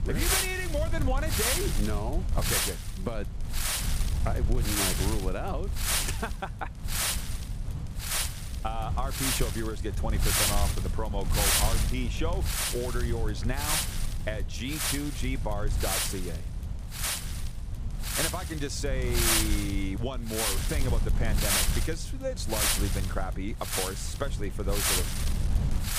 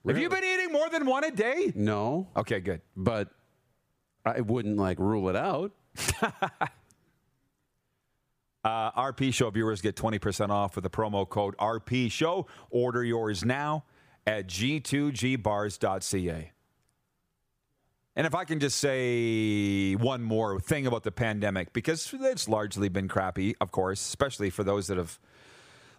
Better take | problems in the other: second | wind noise on the microphone; heavy; 5 dB above the speech

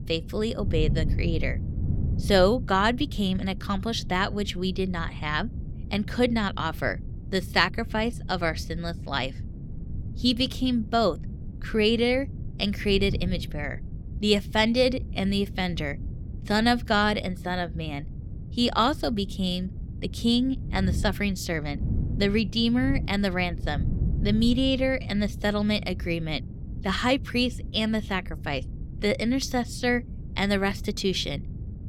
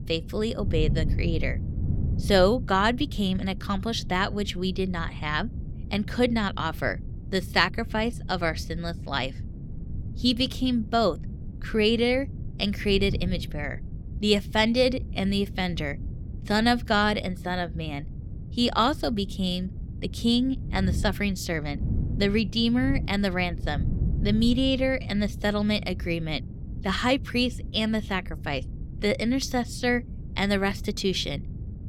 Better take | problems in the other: neither | wind noise on the microphone; occasional gusts; 20 dB below the speech; the same in both

